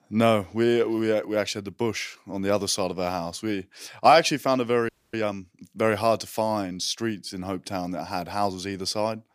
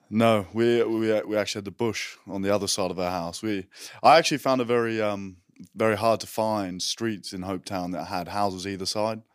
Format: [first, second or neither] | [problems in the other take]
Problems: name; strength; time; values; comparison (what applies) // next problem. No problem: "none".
second | audio freezing; at 5 s